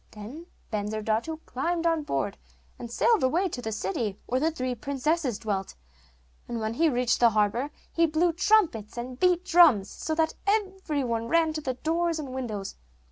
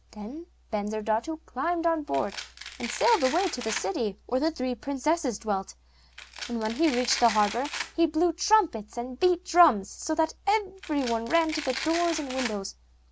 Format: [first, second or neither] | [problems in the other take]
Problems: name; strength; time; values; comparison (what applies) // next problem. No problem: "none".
first | background sound (Domestic sounds, home sounds); 10 dB below the speech